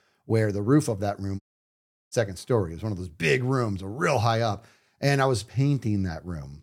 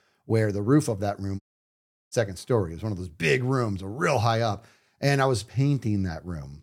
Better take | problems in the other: neither | audio cutting out; at 1.5 s for 0.5 s; the same in both

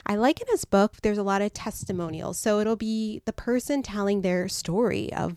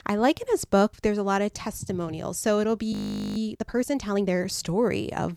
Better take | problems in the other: first | audio freezing; at 3 s

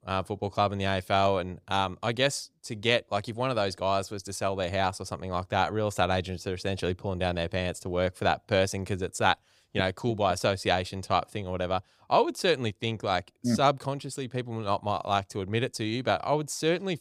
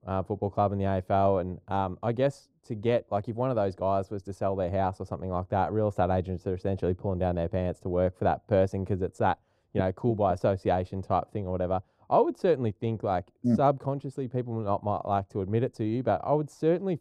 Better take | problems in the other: first | muffled; very; fading above 1.5 kHz

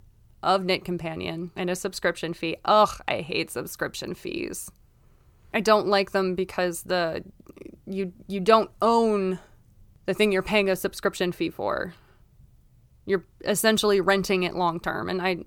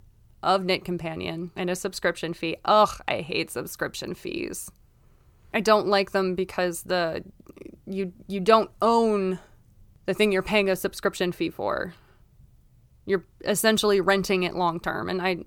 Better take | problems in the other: neither | none

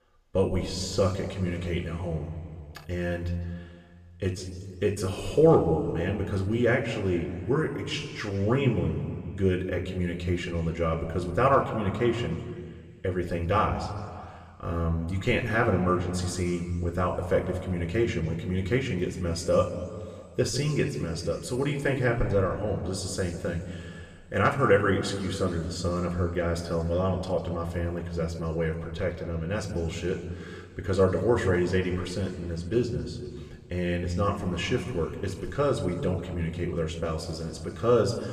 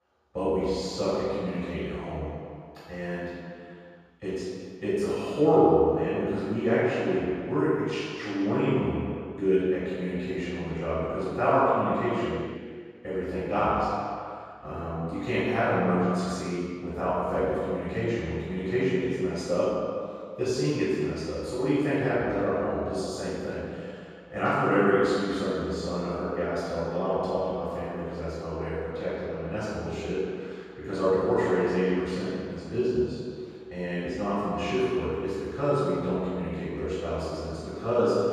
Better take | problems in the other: first | room echo; strong; dies away in 2.2 s; slight in the first // off-mic speech; far; somewhat distant in the first

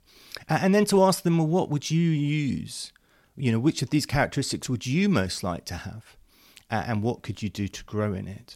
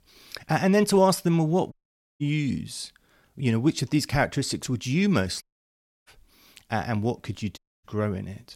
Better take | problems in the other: first | audio cutting out; at 1.5 s, at 5.5 s for 0.5 s and at 7.5 s

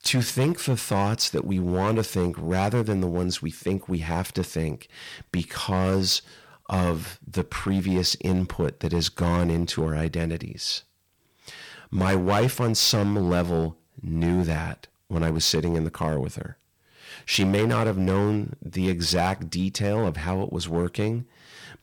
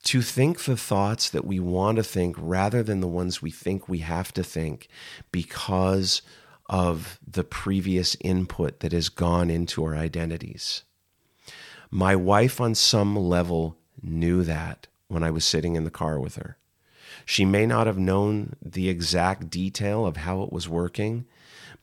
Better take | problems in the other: second | distortion; slight; 6% of the sound clipped

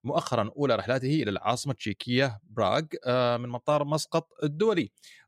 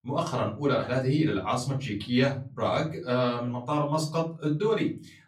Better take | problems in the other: first | off-mic speech; far // room echo; very slight; dies away in 0.3 s

